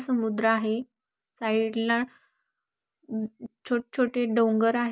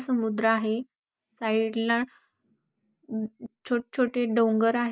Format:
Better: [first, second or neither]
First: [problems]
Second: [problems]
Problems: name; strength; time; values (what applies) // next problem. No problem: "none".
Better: first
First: none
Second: noise reduction (neural mask model Resemble Enhance denoiser)